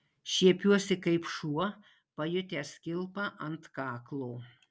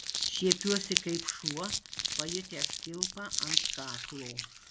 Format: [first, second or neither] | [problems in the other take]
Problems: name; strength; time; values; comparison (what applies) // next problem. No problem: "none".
first | background sound (Crumpling, crinkling); 3 dB above the speech